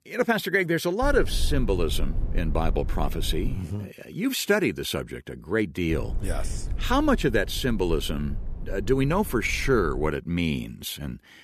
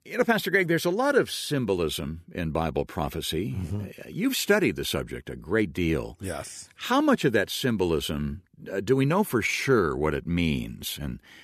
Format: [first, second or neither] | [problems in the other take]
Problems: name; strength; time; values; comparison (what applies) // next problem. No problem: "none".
second | low rumble; faint; from 1 to 3.5 s and from 6 to 10 s; 20 dB below the speech